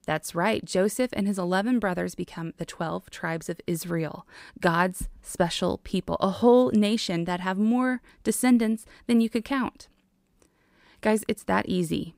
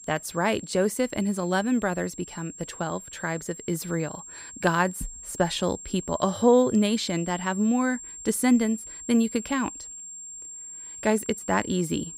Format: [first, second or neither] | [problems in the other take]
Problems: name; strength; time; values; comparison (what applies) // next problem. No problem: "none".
first | high-pitched whine; noticeable; throughout; 7.5 kHz, 15 dB below the speech